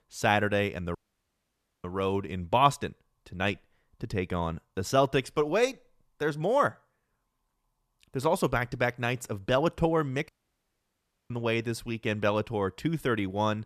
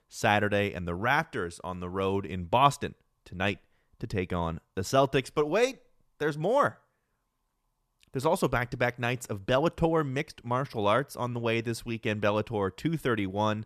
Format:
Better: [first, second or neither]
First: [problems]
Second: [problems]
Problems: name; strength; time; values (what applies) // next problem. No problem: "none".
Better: second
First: audio cutting out; at 1 s for 1 s and at 10 s for 1 s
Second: none